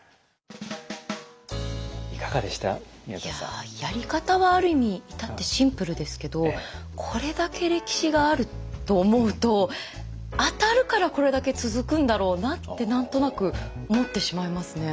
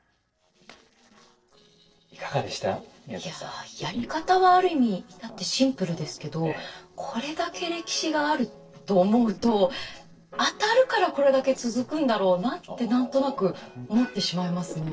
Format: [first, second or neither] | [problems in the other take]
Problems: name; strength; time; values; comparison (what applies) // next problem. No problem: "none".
first | noise reduction (neural separator model SepFormer DNS4)